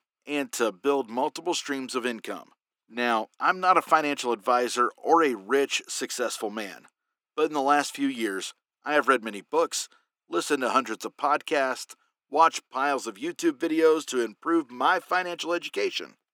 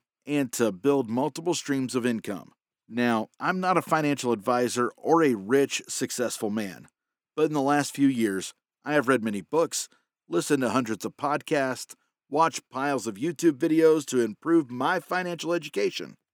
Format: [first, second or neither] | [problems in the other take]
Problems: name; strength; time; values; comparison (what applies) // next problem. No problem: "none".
second | thin; somewhat; fading below 350 Hz